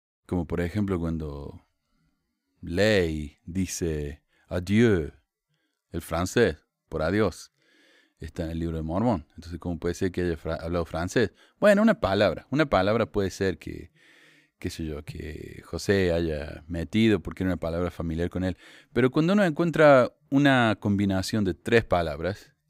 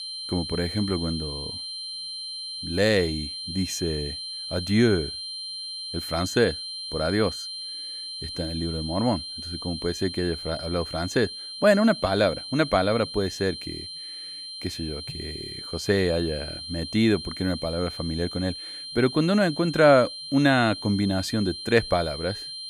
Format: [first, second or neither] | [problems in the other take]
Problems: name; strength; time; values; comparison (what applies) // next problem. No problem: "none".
first | high-pitched whine; loud; throughout; 4 kHz, 8 dB below the speech